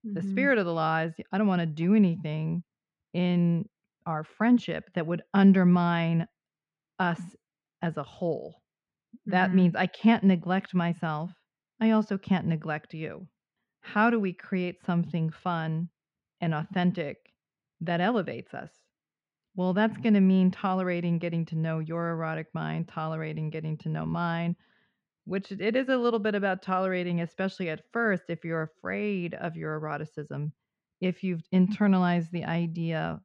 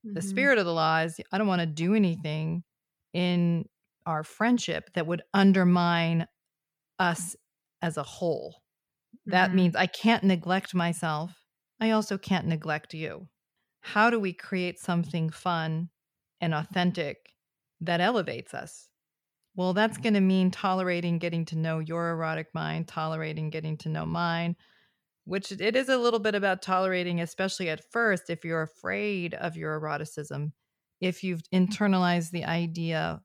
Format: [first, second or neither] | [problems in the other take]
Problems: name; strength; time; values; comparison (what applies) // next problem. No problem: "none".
second | muffled; slightly; fading above 3 kHz